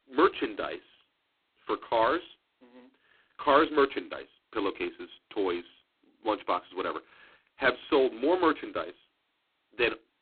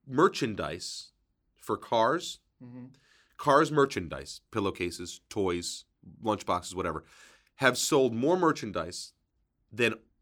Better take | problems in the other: second | phone-call audio; poor line; nothing above 4 kHz

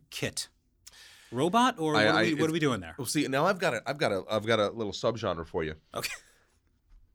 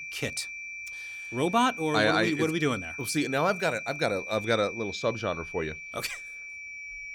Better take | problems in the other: first | high-pitched whine; loud; throughout; 2.5 kHz, 9 dB below the speech

